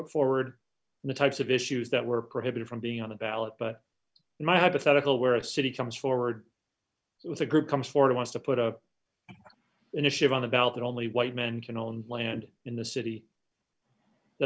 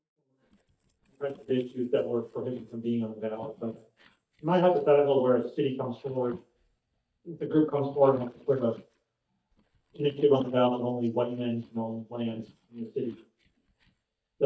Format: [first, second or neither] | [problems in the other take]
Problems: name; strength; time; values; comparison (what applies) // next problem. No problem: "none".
first | noise reduction (neural mask model DeepFilterNet 3)